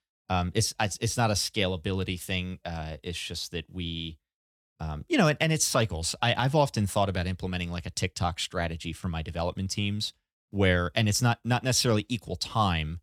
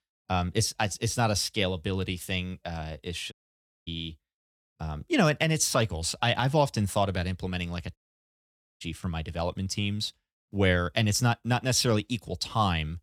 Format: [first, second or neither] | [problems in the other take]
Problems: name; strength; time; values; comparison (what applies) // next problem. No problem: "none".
first | audio cutting out; at 3.5 s for 0.5 s and at 8 s for 1 s